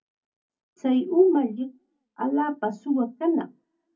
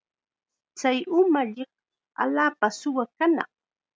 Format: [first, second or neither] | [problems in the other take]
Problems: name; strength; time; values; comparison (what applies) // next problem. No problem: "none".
second | room echo; dies away in 0.3 s